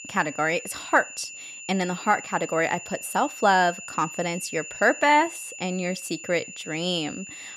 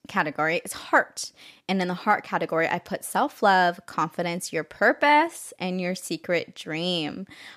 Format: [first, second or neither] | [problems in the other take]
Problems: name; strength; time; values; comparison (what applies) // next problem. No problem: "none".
second | high-pitched whine; noticeable; throughout; 2.5 kHz, 10 dB below the speech